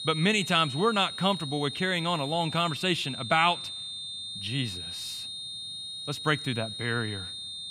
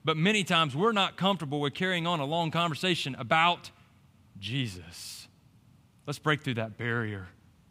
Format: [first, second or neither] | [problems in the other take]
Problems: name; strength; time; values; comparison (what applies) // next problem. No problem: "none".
second | high-pitched whine; loud; throughout; 3.5 kHz, 8 dB below the speech